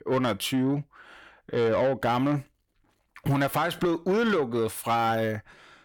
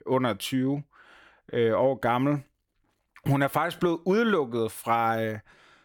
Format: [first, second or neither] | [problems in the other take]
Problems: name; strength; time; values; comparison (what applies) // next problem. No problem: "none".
second | distortion; slight; 10 dB below the speech